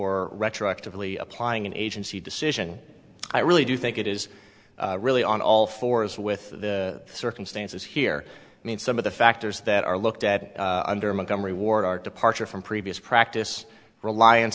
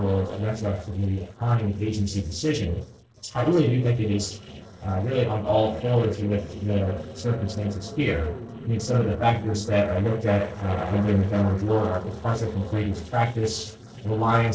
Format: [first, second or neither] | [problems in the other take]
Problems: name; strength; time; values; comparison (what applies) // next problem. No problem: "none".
first | noise reduction (neural separator model SepFormer DNS4)